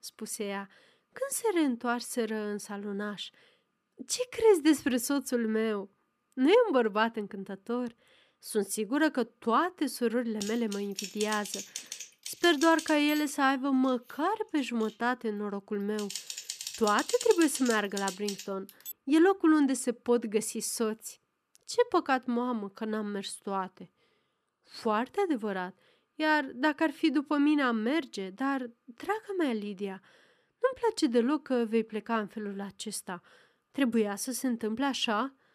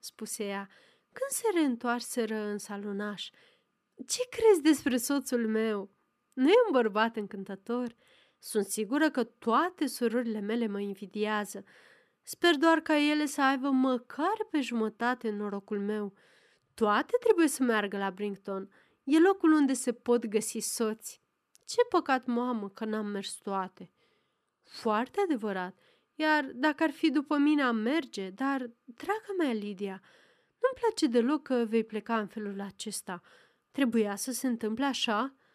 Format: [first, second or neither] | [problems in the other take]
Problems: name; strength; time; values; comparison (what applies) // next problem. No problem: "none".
second | keyboard typing; noticeable; from 10 to 19 s; peak 6 dB below the speech